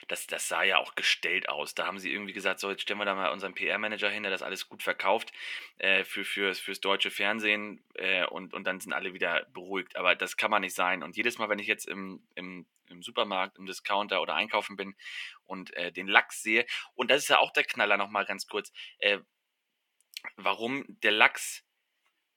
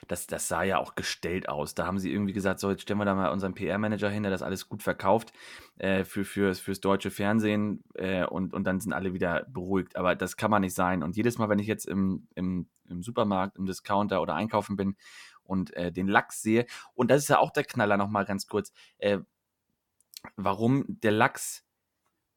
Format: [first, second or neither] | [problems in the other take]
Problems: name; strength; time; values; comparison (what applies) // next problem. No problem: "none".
second | thin; somewhat; fading below 400 Hz